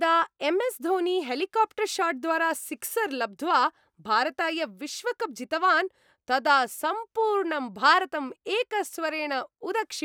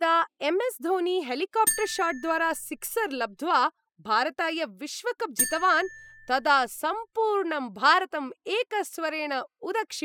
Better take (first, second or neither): first